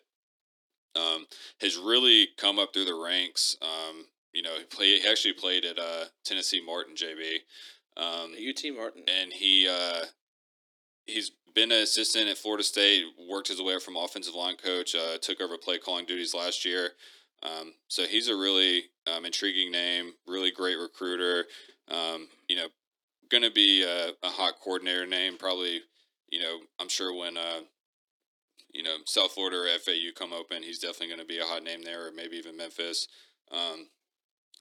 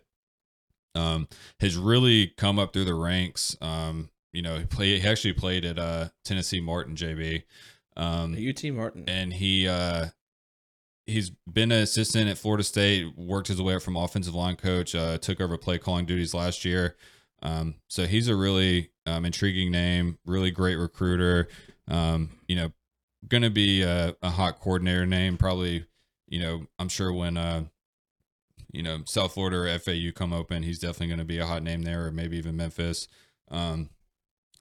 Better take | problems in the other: second | thin; somewhat; fading below 300 Hz

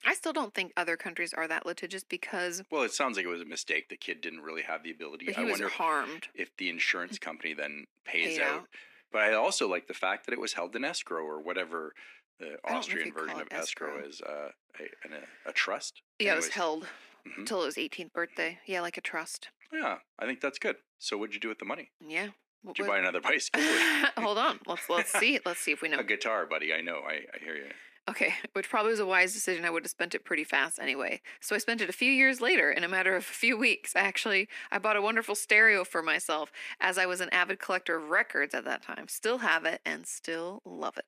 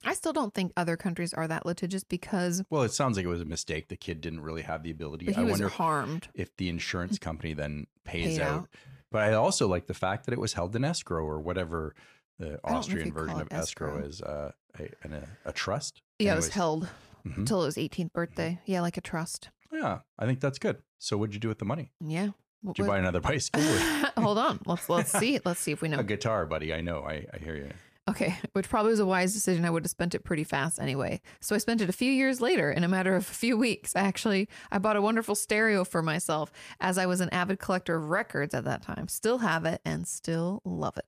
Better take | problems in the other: second | thin; somewhat; fading below 250 Hz

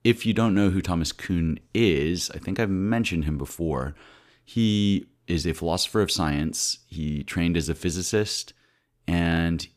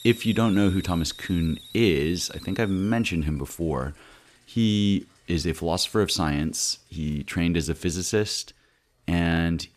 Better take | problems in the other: first | hiss; noticeable; throughout; 20 dB below the speech

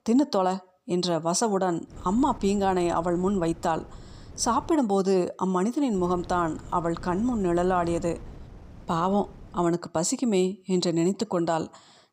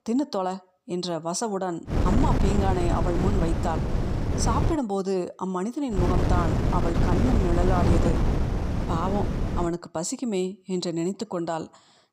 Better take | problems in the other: first | wind noise on the microphone; heavy; from 2 to 4.5 s and from 6 to 9.5 s; 2 dB below the speech; occasional gusts in the first

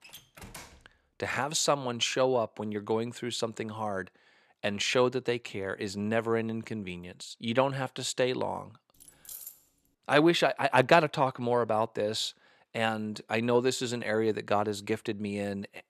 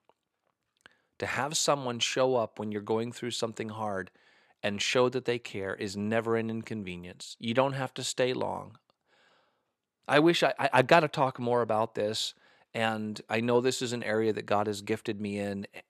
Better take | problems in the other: second | door banging; faint; at the start; peak 15 dB below the speech // jangling keys; faint; at 9 s; peak 15 dB below the speech

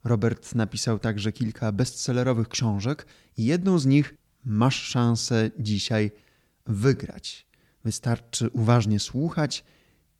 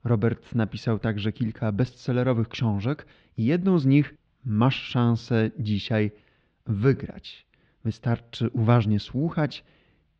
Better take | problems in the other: first | muffled; slightly; fading above 3.5 kHz

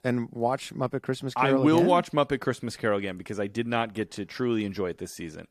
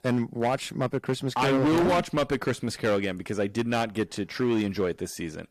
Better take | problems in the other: first | distortion; heavy; 12% of the sound clipped

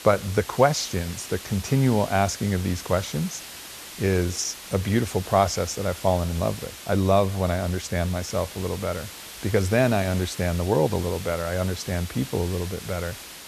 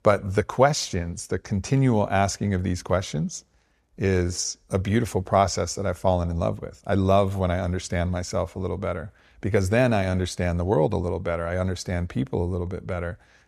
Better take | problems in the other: second | hiss; noticeable; throughout; 10 dB below the speech

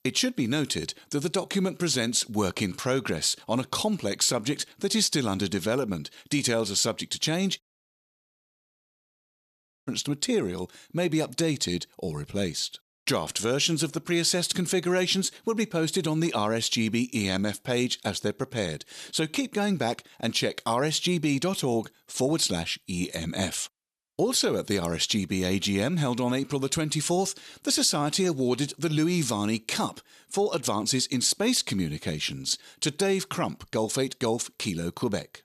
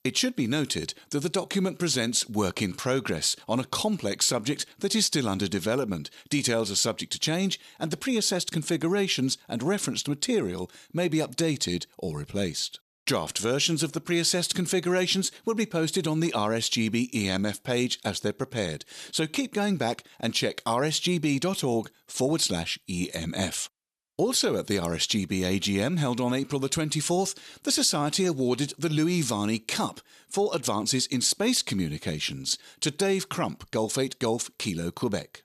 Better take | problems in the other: second | audio cutting out; at 7.5 s for 2.5 s

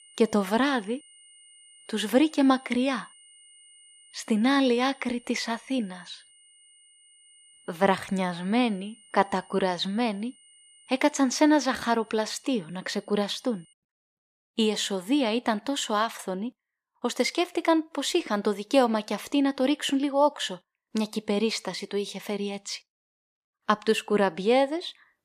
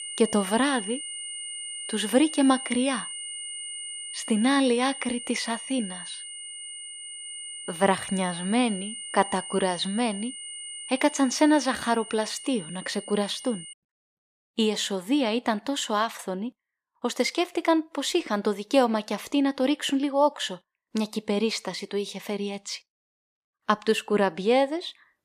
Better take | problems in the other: first | high-pitched whine; loud; until 14 s; 9 kHz, 9 dB below the speech; faint in the first

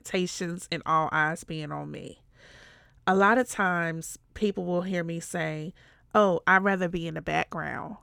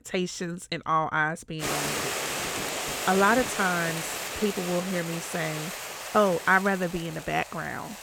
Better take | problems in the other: first | hiss; loud; from 1.5 s on; 4 dB below the speech

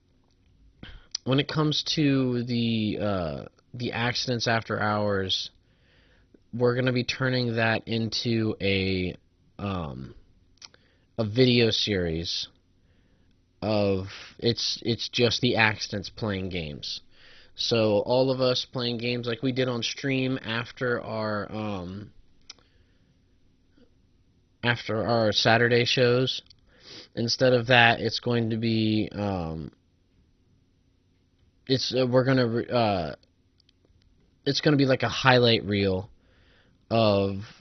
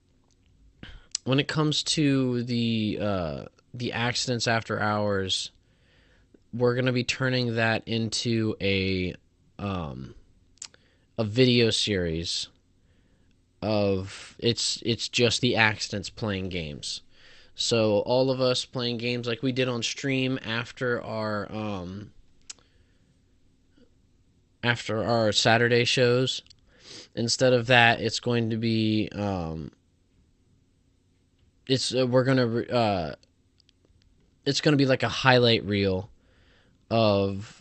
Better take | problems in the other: second | garbled, watery; badly; nothing above 6 kHz; slightly in the second

